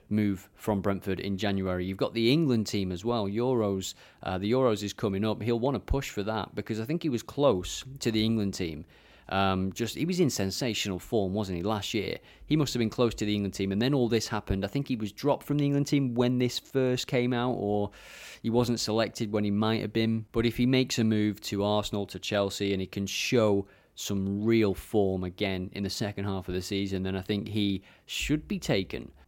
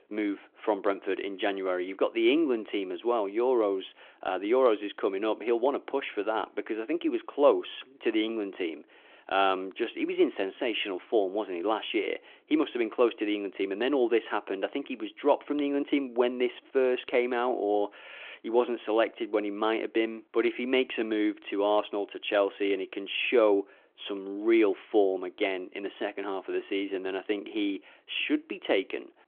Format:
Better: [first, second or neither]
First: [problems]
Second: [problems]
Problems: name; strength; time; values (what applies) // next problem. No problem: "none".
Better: first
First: none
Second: phone-call audio; nothing above 3.5 kHz